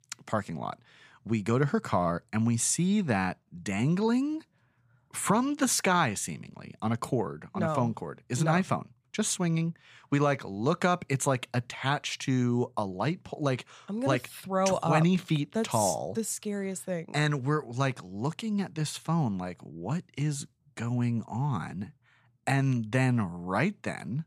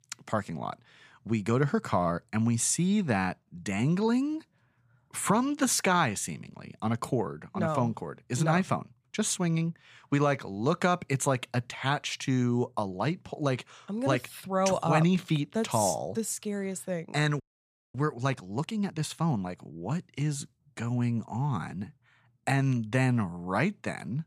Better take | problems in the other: first | audio freezing; at 17 s for 0.5 s

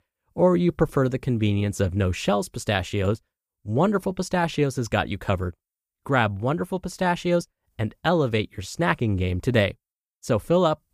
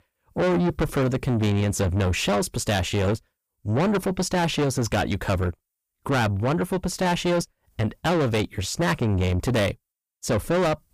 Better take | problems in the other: first | distortion; heavy; 7 dB below the speech

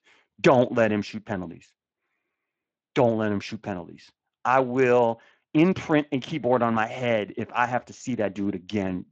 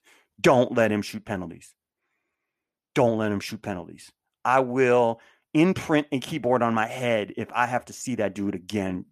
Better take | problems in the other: second | garbled, watery; slightly

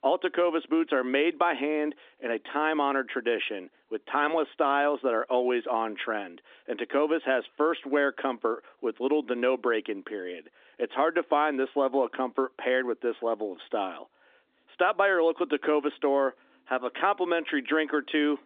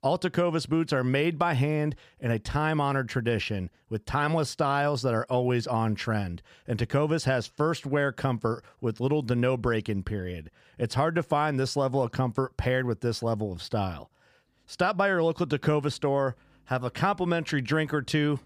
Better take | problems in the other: second | phone-call audio; nothing above 3.5 kHz

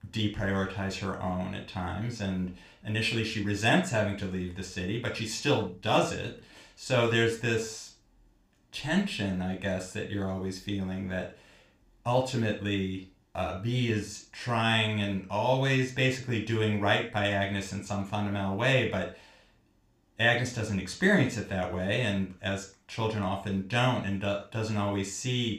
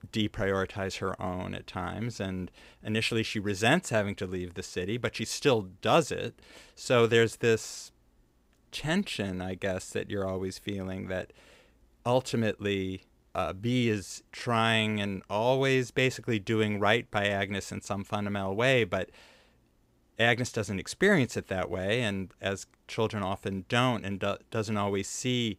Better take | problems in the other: second | room echo; slight; dies away in 0.3 s // off-mic speech; somewhat distant

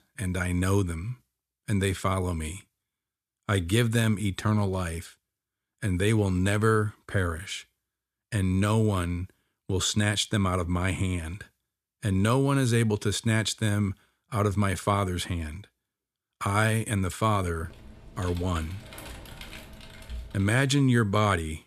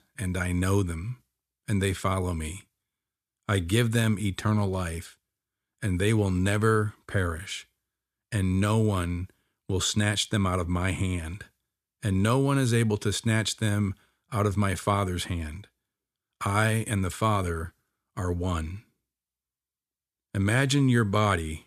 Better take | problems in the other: second | keyboard typing; faint; from 18 to 21 s; peak 15 dB below the speech

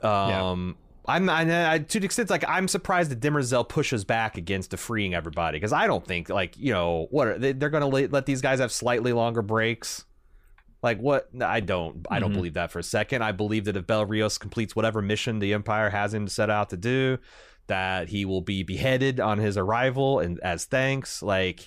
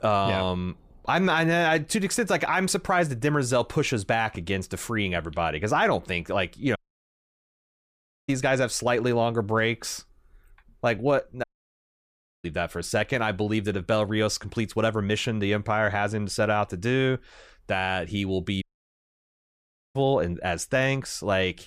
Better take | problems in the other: first | audio cutting out; at 7 s for 1.5 s, at 11 s for 1 s and at 19 s for 1.5 s

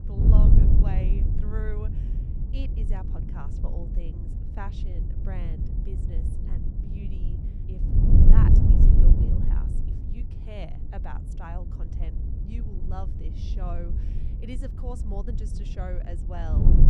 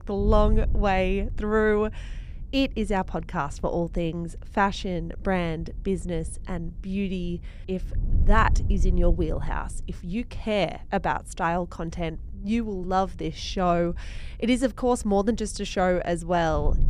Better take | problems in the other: second | wind noise on the microphone; heavy; 2 dB above the speech; occasional gusts in the second

